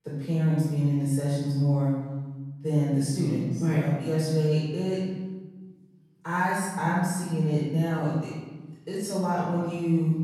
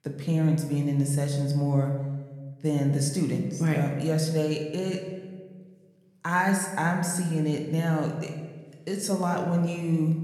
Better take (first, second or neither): second